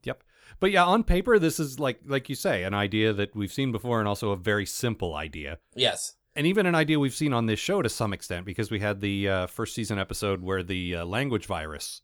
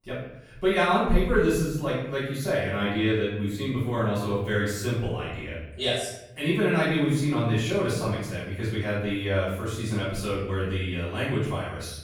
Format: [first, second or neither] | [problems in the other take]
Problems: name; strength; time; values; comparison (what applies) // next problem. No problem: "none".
first | off-mic speech; far // room echo; noticeable; dies away in 0.9 s